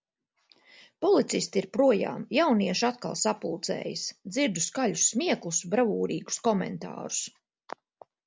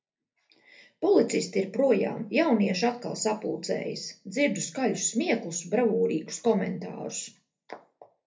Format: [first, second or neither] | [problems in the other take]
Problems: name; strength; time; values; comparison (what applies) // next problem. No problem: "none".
first | room echo; dies away in 0.3 s